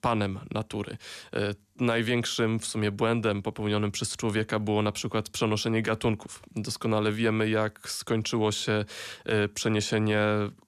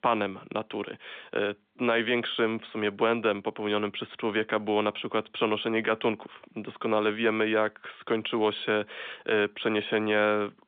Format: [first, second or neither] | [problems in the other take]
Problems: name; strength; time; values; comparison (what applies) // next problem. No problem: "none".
first | phone-call audio; nothing above 3.5 kHz